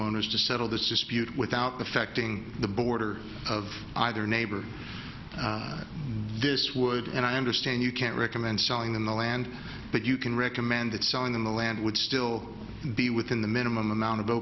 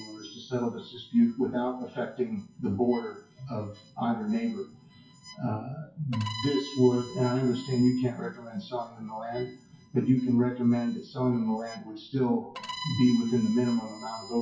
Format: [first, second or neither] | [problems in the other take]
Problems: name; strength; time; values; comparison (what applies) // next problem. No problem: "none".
first | noise reduction (classical method WPE with log-MMSE)